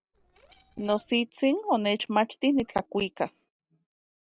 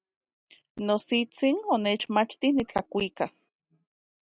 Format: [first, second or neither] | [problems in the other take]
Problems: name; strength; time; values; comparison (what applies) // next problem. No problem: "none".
second | noise reduction (neural separator model SepFormer DNS4)